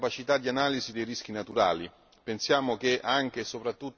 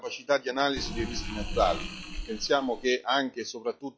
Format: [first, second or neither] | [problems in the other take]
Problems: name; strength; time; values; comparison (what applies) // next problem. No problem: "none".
first | noise reduction (classical method log-MMSE)